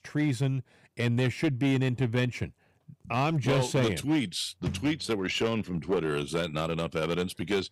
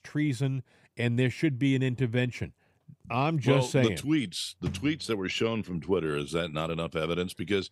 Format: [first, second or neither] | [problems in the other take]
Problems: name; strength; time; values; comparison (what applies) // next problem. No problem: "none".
second | distortion; slight; 8% of the sound clipped